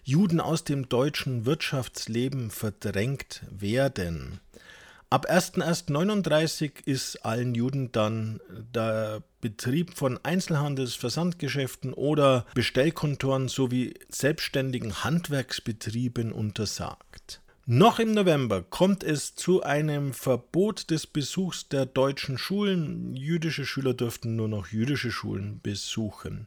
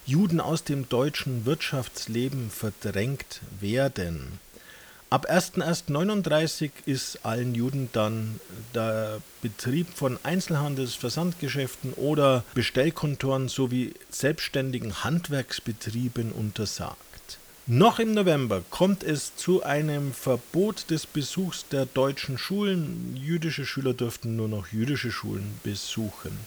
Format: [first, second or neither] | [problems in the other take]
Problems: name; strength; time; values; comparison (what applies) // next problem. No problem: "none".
first | hiss; noticeable; throughout; 20 dB below the speech